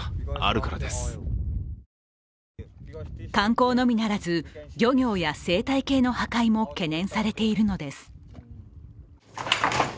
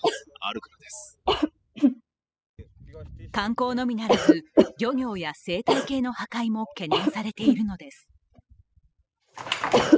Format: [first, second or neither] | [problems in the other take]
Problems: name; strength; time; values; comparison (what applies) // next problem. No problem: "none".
first | noise reduction (classical method spectral subtraction)